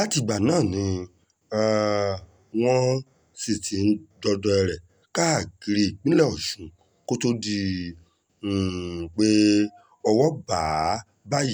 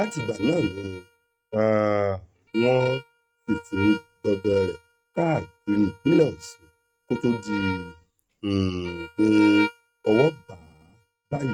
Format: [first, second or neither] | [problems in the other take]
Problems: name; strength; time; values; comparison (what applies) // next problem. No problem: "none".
first | noise reduction (neural mask model RNNoise)